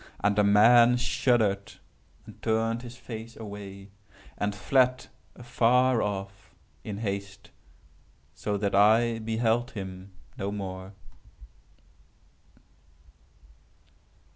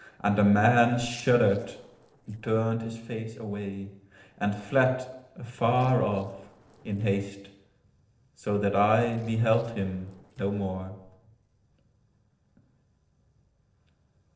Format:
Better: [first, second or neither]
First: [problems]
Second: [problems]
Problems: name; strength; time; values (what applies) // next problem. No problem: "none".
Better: first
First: none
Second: noise reduction (neural separator model SepFormer DNS4)